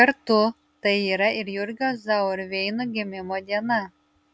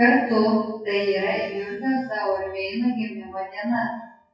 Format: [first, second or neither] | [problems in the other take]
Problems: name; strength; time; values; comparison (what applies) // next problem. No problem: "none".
first | noise reduction (classical method WPE with log-MMSE)